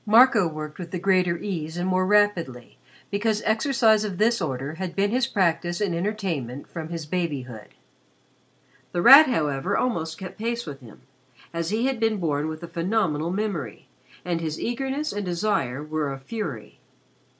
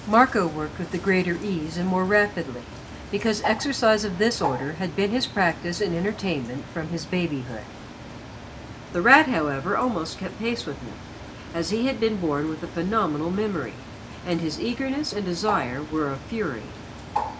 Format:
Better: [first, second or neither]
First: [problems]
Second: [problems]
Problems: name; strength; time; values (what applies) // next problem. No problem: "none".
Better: first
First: none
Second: background sound (Bird); 11 dB below the speech